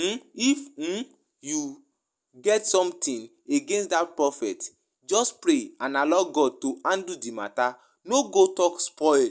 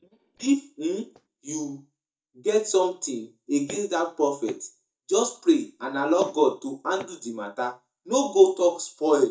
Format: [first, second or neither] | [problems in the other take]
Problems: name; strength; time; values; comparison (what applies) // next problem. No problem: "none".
first | noise reduction (neural mask model DeepFilterNet 3)